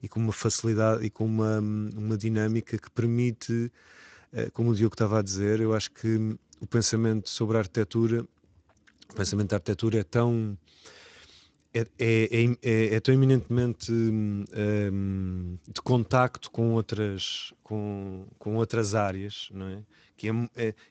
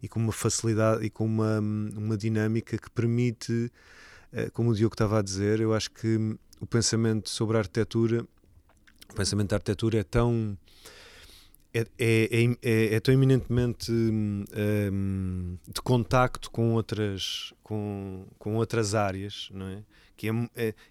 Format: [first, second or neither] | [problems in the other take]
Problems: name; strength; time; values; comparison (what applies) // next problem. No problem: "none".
second | garbled, watery; slightly; nothing above 7.5 kHz